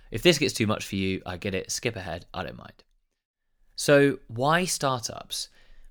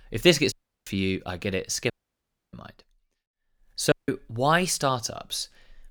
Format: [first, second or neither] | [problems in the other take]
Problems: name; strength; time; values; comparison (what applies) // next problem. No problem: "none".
first | audio cutting out; at 0.5 s, at 2 s for 0.5 s and at 4 s